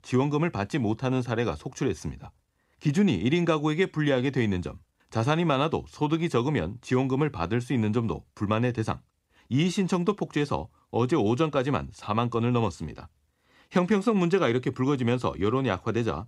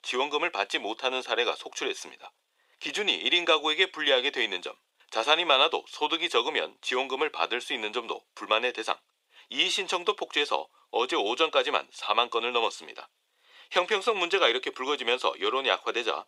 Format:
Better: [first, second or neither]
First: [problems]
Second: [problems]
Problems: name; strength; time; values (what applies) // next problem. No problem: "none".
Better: first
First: none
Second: thin; very; fading below 450 Hz